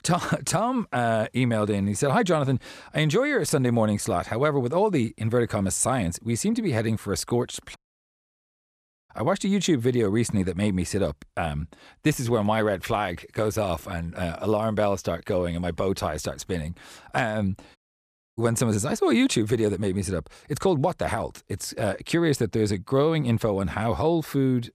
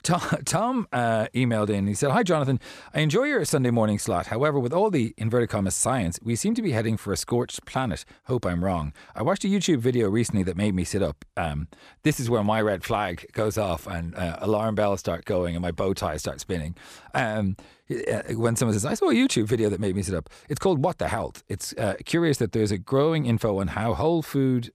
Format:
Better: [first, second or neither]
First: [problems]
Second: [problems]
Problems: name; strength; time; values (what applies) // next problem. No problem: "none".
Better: second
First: audio cutting out; at 8 s for 1.5 s and at 18 s for 0.5 s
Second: none